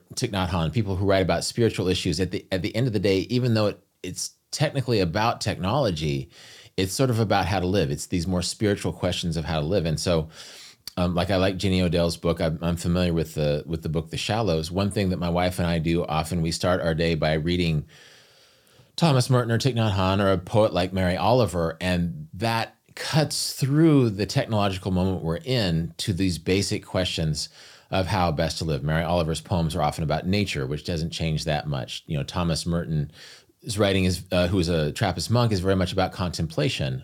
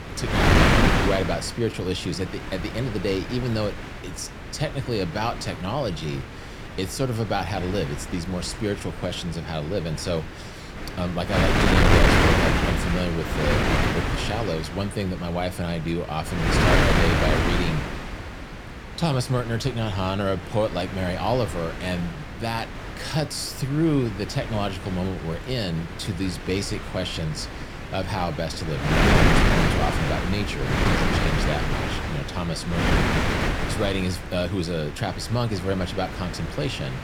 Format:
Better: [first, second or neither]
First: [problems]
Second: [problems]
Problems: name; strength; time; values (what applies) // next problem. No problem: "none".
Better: first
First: none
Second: wind noise on the microphone; heavy; 3 dB above the speech